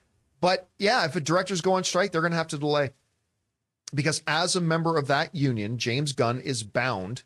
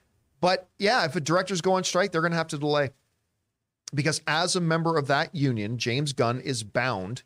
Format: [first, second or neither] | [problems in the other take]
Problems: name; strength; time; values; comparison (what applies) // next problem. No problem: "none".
second | garbled, watery; slightly